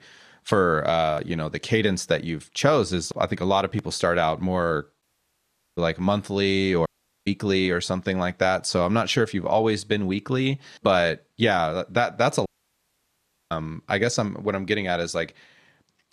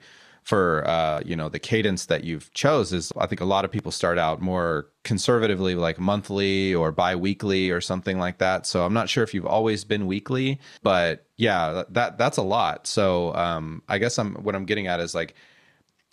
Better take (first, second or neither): second